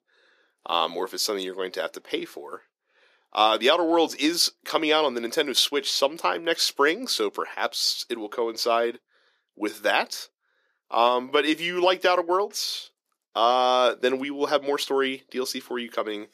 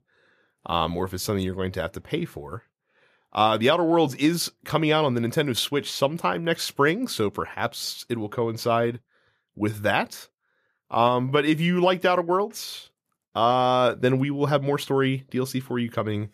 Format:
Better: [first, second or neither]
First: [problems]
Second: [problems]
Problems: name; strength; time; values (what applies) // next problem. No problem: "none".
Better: second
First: thin; somewhat; fading below 300 Hz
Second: none